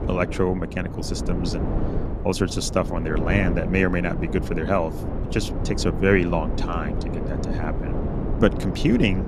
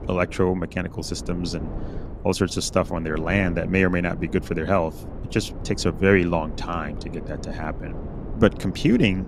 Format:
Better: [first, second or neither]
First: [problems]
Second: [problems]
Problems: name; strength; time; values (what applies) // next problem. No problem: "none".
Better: second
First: wind noise on the microphone; heavy; 8 dB below the speech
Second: wind noise on the microphone; occasional gusts; 15 dB below the speech